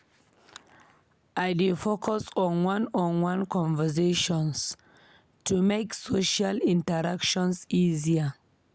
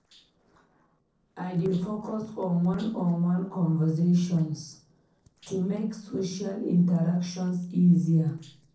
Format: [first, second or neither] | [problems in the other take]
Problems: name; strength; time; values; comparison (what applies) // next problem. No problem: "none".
first | noise reduction (neural separator model SepFormer DNS4)